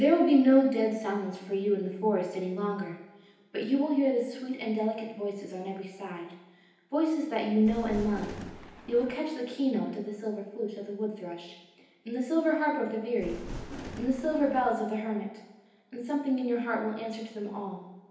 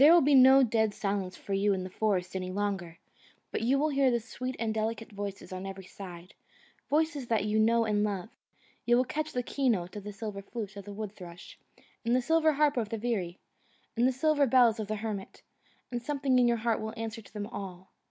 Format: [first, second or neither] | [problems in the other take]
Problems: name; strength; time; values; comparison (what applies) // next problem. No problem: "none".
second | background sound (Thunder); 12 dB below the speech // room echo; dies away in 0.9 s